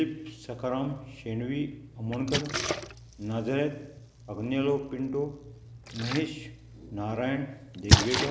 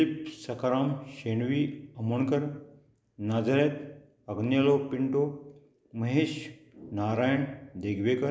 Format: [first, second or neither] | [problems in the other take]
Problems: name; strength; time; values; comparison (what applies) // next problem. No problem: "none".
second | background sound (Splash, splatter); 1 dB below the speech